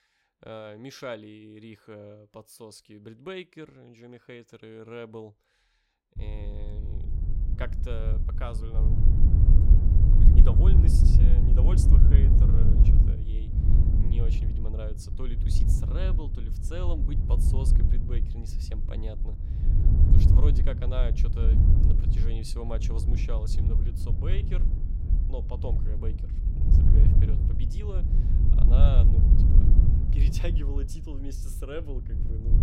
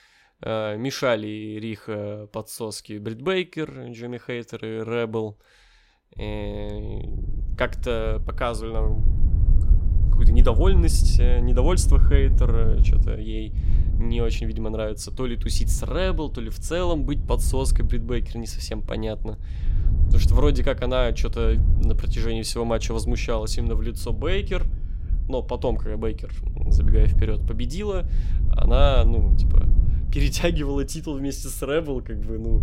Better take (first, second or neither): second